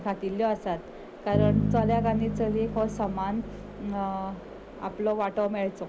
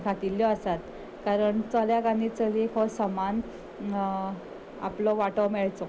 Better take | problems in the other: second | background sound (Bass guitar); 3 dB below the speech

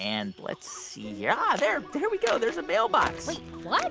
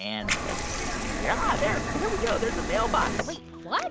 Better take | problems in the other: first | background sound (Liquid); as loud as the speech

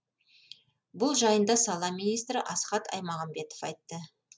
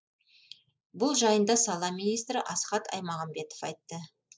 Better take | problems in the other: first | noise reduction (neural mask model Resemble Enhance denoiser)

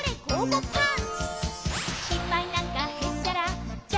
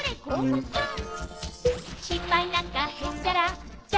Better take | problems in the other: first | noise reduction (neural separator model SepFormer DNS4)

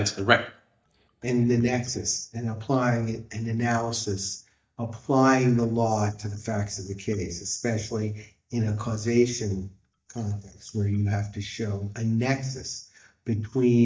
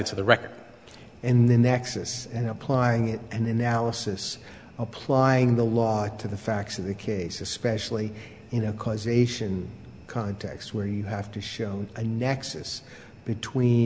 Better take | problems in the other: second | noise reduction (neural mask model DeepFilterNet 3)

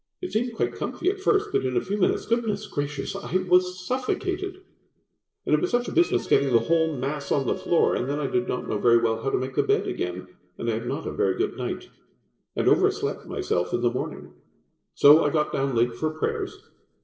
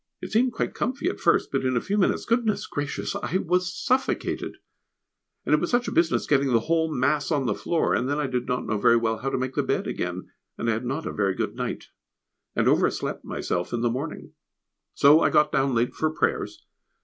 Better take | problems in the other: second | noise reduction (neural separator model SepFormer DNS4)

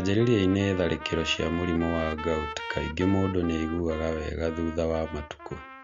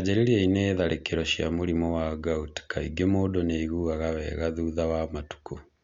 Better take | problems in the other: second | background sound (Trumpet); 12 dB below the speech

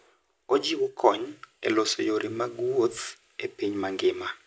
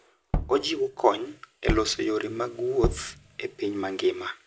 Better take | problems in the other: first | background sound (Tap / Bass drum); 5 dB below the speech

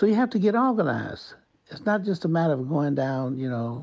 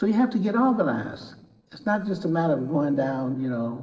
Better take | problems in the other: first | noise reduction (neural separator model SepFormer DNS4)

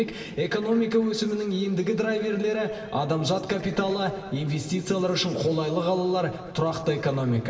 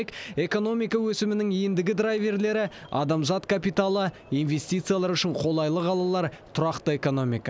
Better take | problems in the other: second | room echo; dies away in 2.3 s

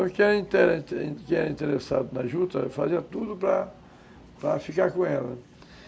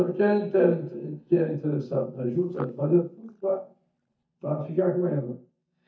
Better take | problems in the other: first | noise reduction (neural mask model DeepFilterNet 3)

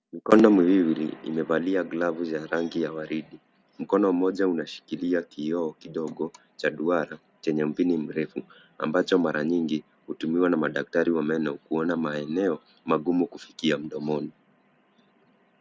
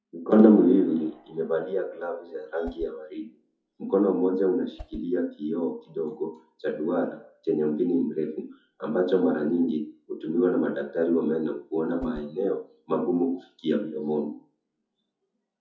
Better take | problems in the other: first | noise reduction (classical method WPE with log-MMSE)

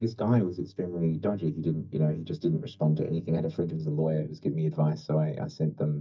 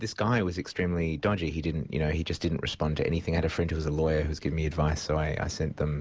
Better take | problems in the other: second | noise reduction (neural mask model DeepFilterNet 3)

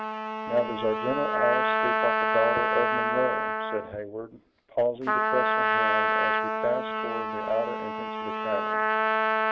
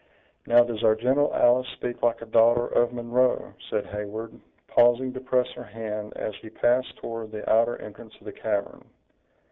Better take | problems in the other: second | background sound (Trumpet); 4 dB above the speech

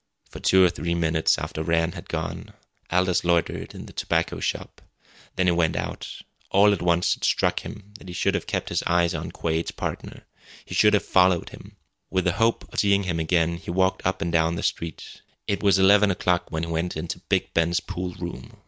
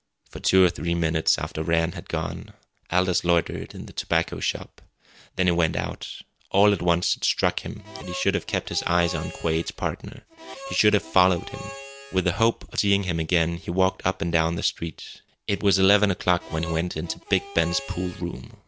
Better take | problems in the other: first | background sound (Harmonica); 15 dB below the speech

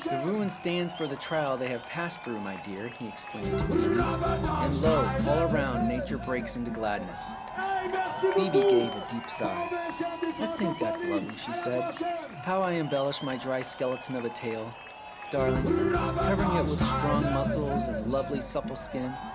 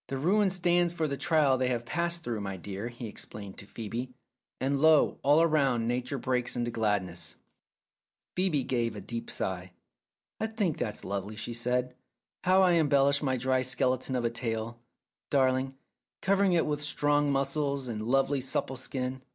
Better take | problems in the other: second | background sound (Cheering); 2 dB above the speech

